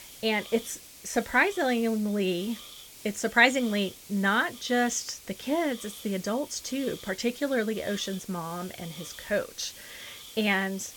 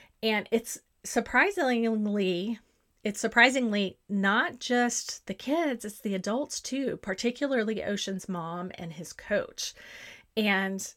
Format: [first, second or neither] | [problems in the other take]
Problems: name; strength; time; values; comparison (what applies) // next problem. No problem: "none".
second | hiss; noticeable; throughout; 15 dB below the speech